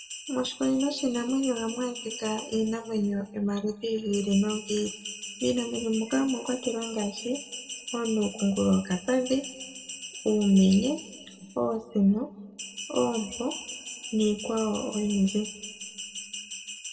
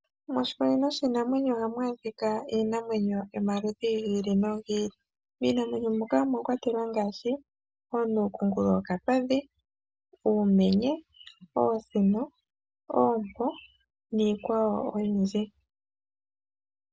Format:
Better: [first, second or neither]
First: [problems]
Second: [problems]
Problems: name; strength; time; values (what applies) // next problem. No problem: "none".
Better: second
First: background sound (Bell); 12 dB below the speech // room echo; dies away in 1.1 s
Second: none